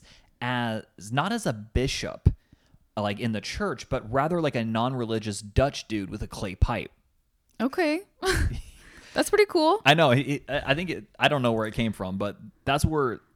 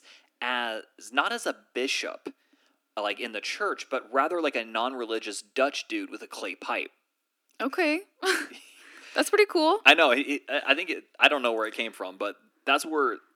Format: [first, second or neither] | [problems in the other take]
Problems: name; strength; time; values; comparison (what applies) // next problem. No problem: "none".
first | thin; somewhat; fading below 250 Hz